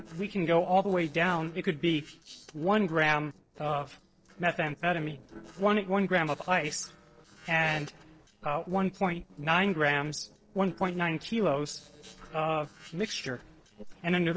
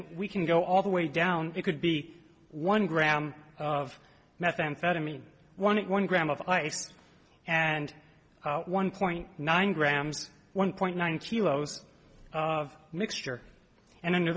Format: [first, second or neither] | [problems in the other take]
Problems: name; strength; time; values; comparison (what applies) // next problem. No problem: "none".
second | noise reduction (neural separator model SepFormer DNS4)